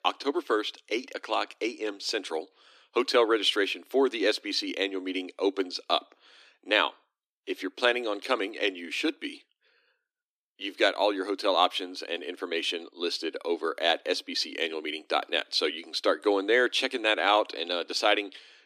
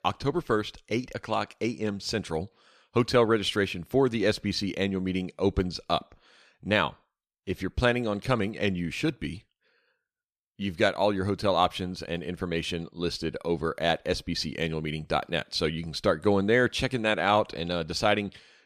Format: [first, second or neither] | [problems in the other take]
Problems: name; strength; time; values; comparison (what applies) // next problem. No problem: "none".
second | thin; somewhat; fading below 250 Hz